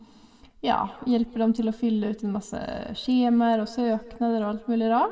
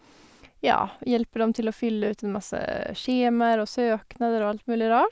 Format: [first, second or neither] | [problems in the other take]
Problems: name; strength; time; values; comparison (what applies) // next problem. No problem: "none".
second | room echo; dies away in 1.5 s